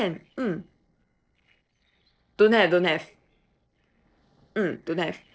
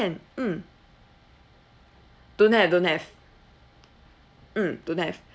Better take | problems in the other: second | noise reduction (neural separator model SepFormer DNS4)

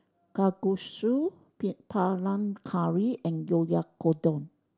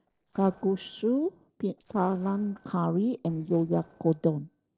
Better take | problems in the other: first | noise reduction (neural separator model SepFormer DNS4)

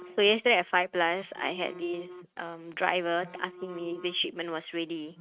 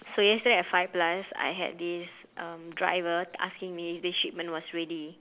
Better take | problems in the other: second | noise reduction (neural mask model RNNoise)

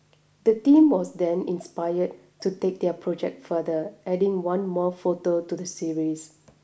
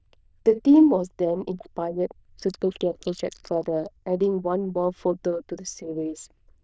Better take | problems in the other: first | noise reduction (neural diffusion model UNIVERSE++)

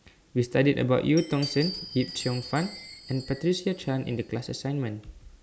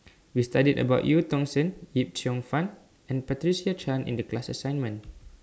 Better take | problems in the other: second | background sound (Glass); 13 dB below the speech

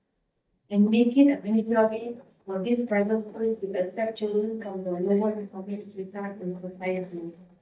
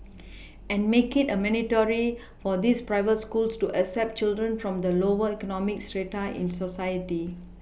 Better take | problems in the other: second | noise reduction (neural mask model DeepFilterNet 3)

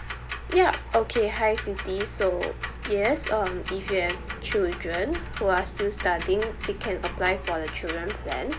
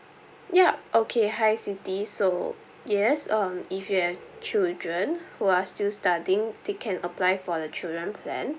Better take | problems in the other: second | background sound (Tick-tock); 8 dB below the speech

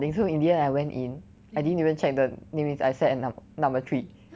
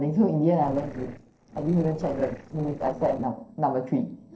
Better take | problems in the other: first | noise reduction (neural separator model SepFormer DNS4)

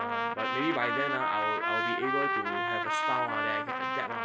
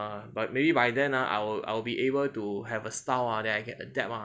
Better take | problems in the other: second | background sound (Trumpet); 5 dB above the speech // room echo; dies away in 1.1 s

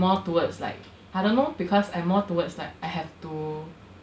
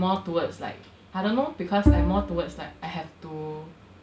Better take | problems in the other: first | background sound (Bowed string instrument); 3 dB above the speech

